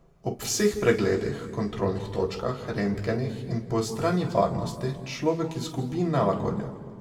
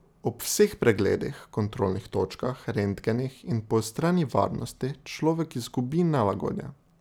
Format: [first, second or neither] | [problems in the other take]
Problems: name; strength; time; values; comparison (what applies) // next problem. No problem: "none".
second | room echo; dies away in 1.6 s